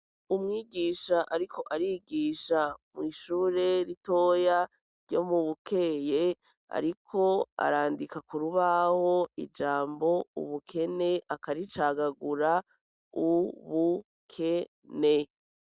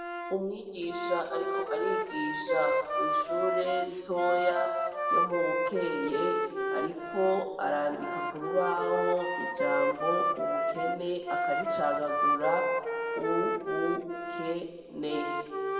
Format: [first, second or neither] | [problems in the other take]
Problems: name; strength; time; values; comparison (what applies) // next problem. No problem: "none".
first | background sound (Wind instrument, woodwind instrument); 1 dB above the speech // room echo; dies away in 2 s